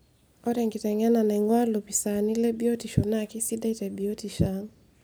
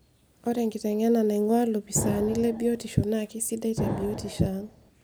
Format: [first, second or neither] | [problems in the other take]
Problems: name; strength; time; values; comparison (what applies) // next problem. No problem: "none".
first | background sound (Explosion); 9 dB below the speech